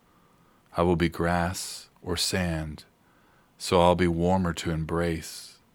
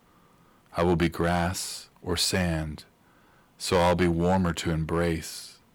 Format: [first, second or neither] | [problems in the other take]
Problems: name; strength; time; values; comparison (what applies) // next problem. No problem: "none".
first | distortion; slight; 2% of the sound clipped